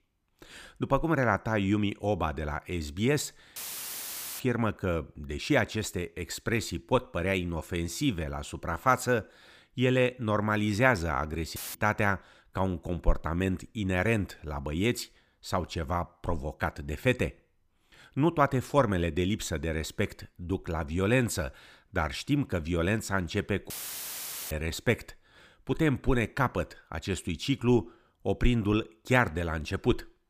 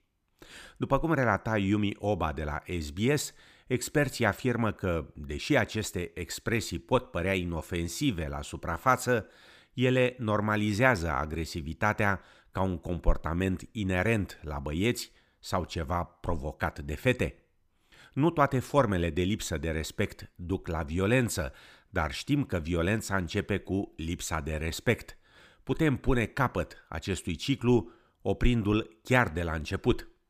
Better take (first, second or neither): second